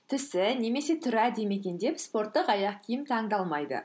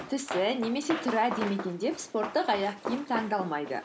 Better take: first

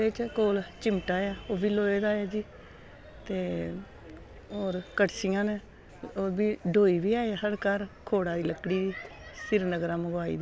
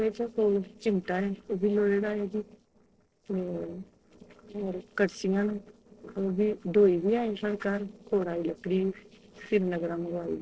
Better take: first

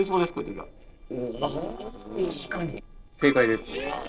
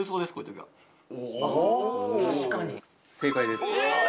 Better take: second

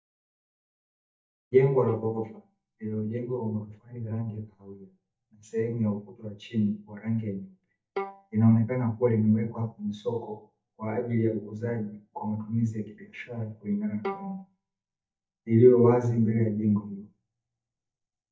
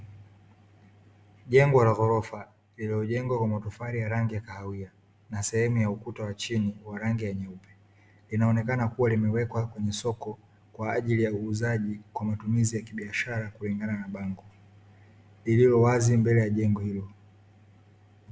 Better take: second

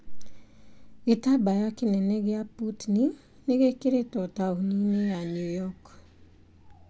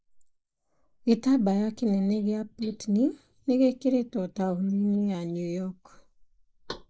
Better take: first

